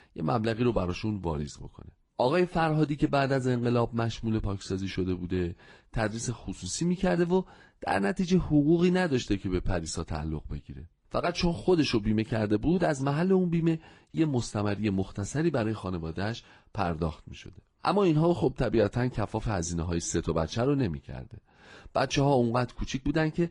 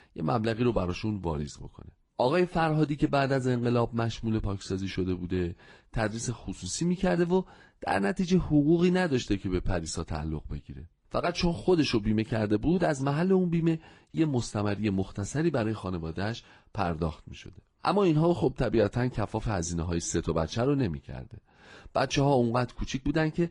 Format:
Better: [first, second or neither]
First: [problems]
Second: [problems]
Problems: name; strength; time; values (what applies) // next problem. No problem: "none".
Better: neither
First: garbled, watery; slightly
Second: garbled, watery; slightly